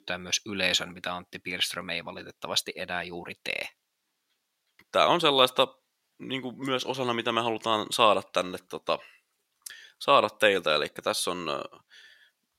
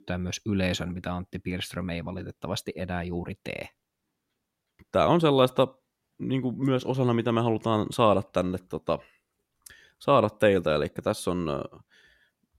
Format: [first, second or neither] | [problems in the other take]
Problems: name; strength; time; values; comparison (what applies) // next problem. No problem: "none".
second | thin; somewhat; fading below 1 kHz